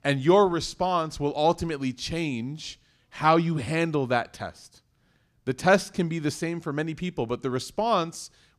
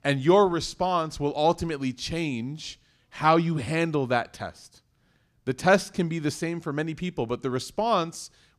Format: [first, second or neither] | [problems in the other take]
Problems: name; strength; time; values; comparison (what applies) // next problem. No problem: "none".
neither | none